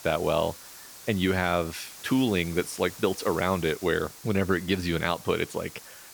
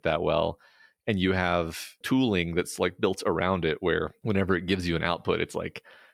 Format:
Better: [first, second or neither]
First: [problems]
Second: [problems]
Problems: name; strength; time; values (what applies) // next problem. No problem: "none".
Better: second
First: hiss; noticeable; throughout; 15 dB below the speech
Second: none